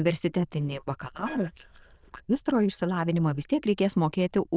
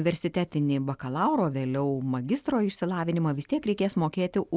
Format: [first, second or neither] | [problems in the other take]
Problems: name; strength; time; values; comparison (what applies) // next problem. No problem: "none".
second | noise reduction (neural diffusion model UNIVERSE++)